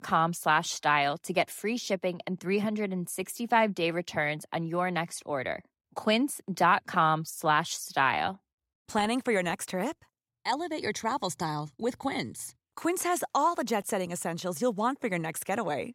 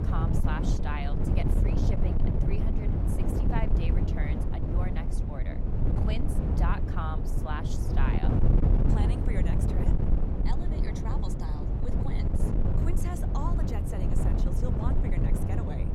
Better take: first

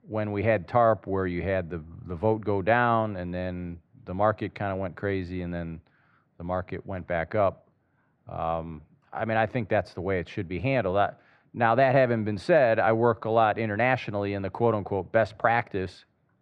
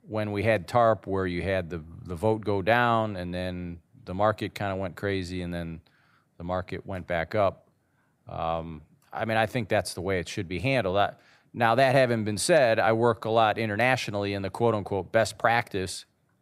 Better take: second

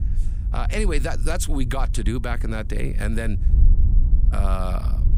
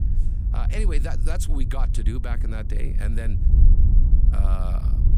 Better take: first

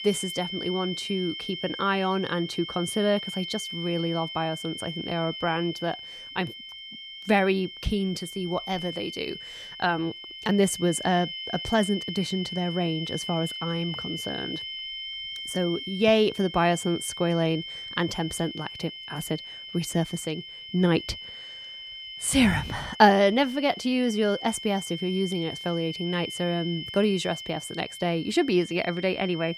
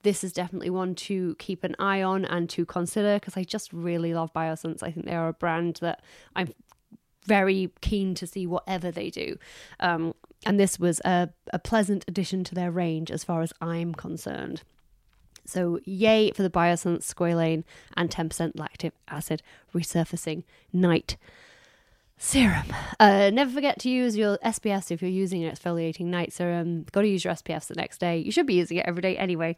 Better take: second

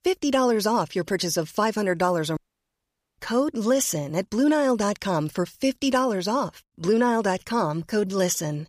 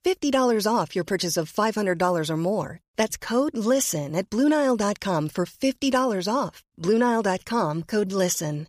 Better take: second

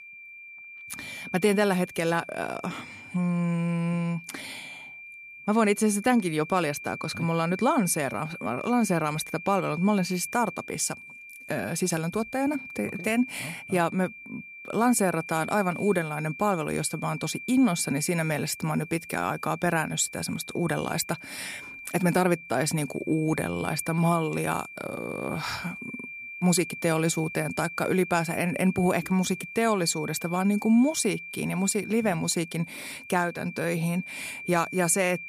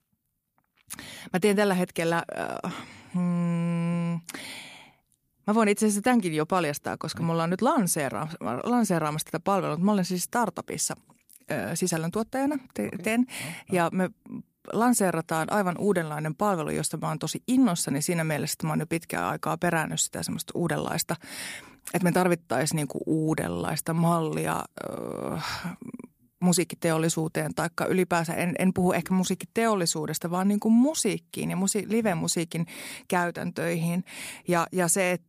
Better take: second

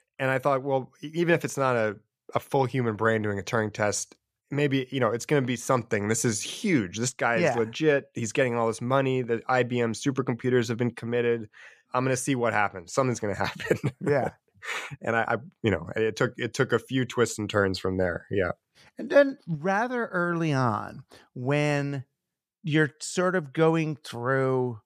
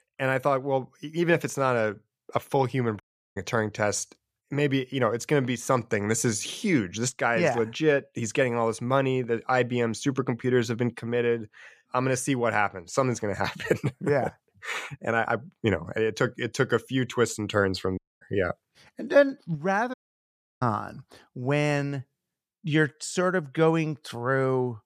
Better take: first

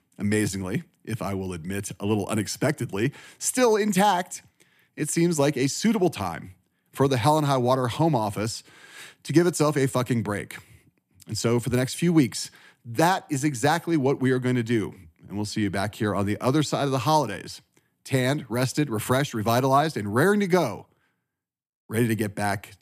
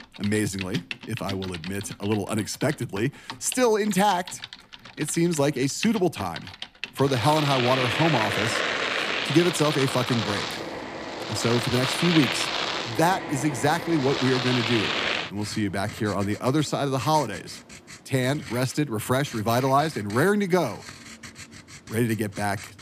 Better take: first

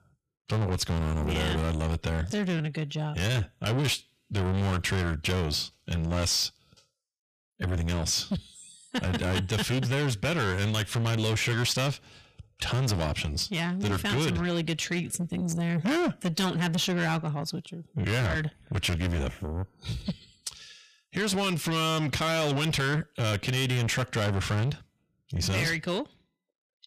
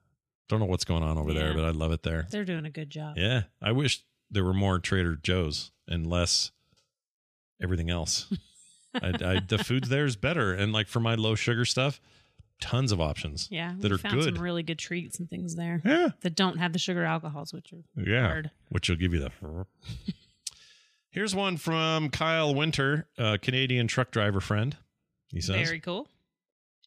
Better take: second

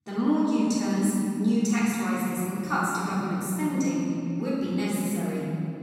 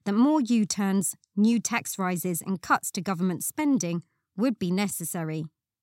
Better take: second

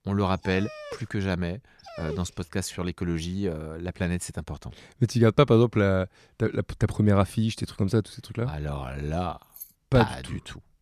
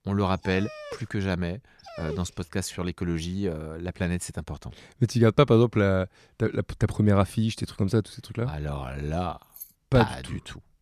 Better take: neither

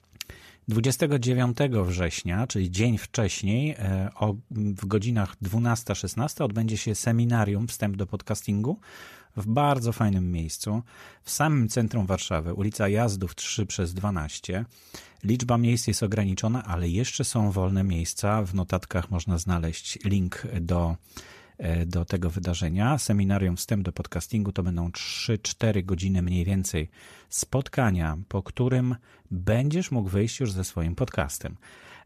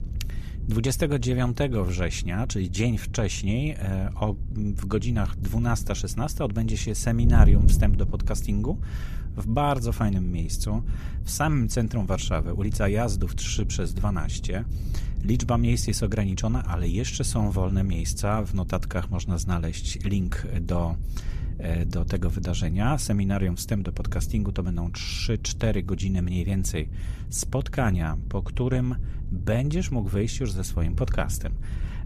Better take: first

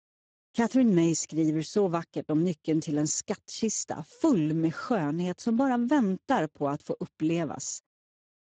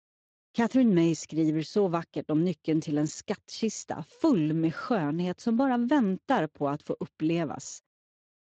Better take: second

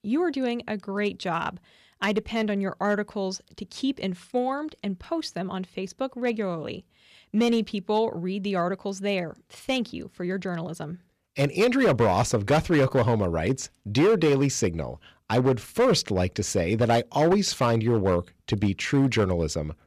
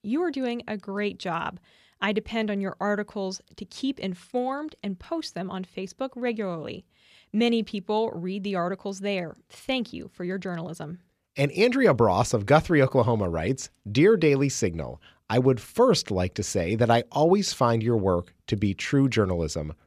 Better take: second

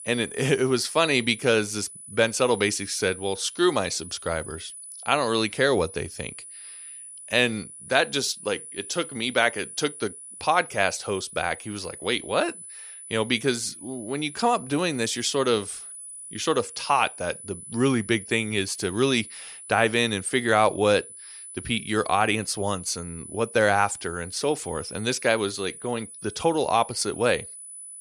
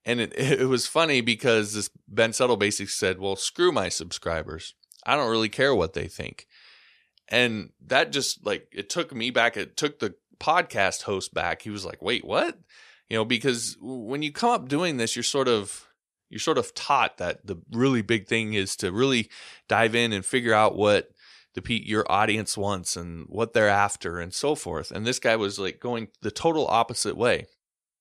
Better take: second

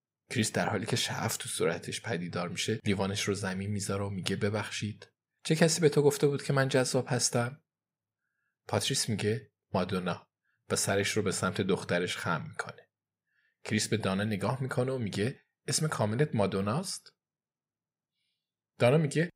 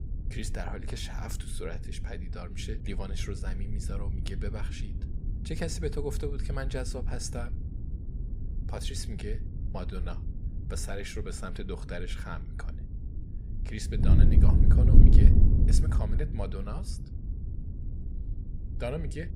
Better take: first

